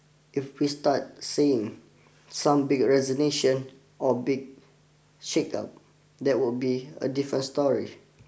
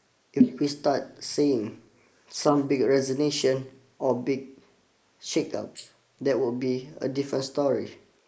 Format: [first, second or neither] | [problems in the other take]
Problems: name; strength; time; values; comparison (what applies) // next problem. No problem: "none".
first | noise reduction (neural mask model Resemble Enhance denoiser)